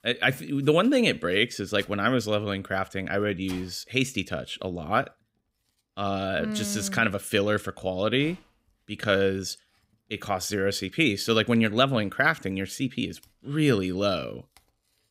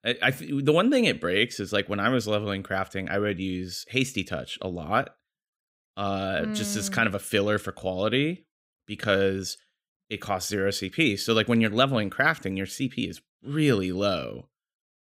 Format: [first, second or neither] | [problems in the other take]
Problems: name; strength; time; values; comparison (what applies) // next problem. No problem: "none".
second | household noises; faint; throughout; 30 dB below the speech